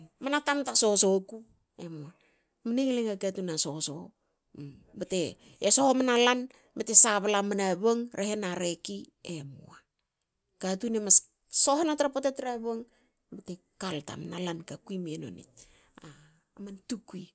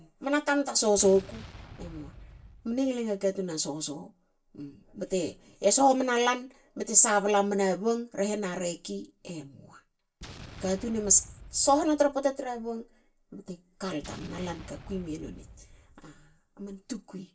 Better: first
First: none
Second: background sound (Explosion); 19 dB below the speech // room echo; dies away in 0.2 s

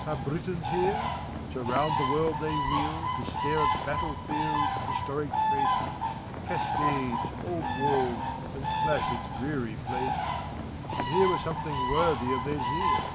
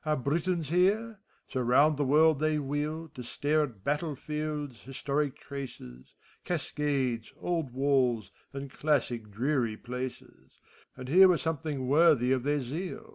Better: second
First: background sound (Bird); 3 dB above the speech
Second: none

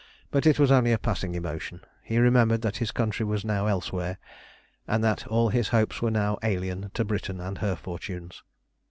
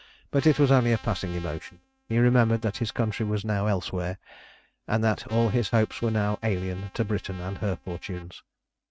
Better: first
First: none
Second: noise reduction (neural mask model RNNoise)

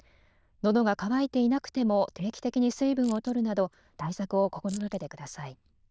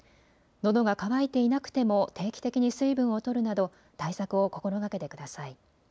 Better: second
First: noise reduction (neural diffusion model UNIVERSE++)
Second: none

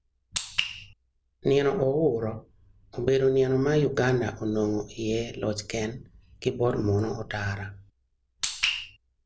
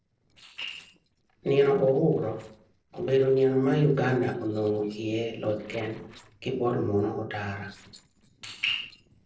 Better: first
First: none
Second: noise reduction (neural separator model SepFormer DNS4)

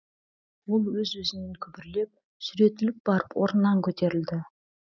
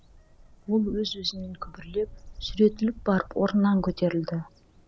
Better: first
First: none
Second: background sound (Bird vocalization, bird call, bird song); 18 dB below the speech

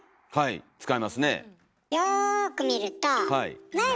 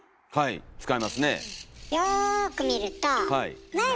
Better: first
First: none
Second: background sound (Bird); 16 dB below the speech

